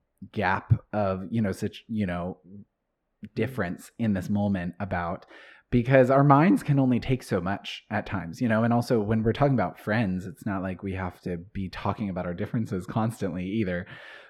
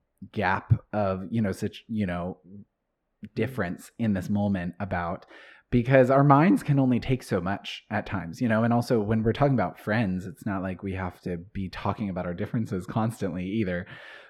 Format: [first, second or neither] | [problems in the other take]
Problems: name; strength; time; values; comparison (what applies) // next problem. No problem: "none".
neither | muffled; very; fading above 3 kHz; the same in both